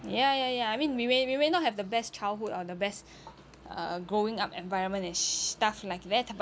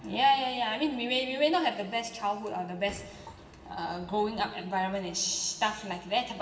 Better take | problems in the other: first | background sound (Boom); 20 dB below the speech // room echo; dies away in 1.1 s

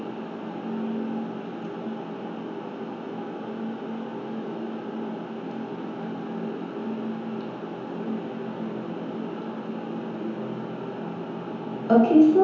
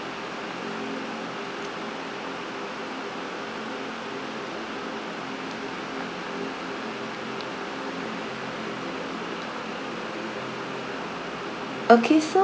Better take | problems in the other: second | room echo; dies away in 1 s

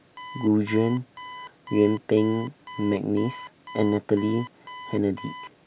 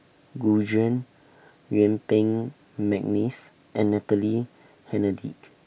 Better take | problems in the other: second | background sound (Alarm); 16 dB below the speech

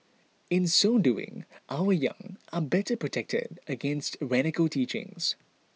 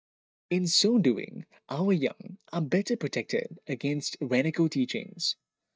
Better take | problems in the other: first | noise reduction (neural mask model DeepFilterNet 3)

